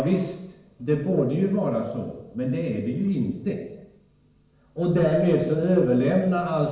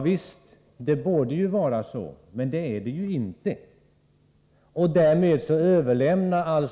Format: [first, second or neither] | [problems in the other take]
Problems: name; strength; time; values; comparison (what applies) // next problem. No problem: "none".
second | room echo; dies away in 0.9 s